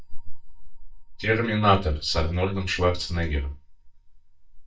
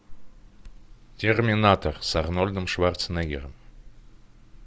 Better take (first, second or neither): second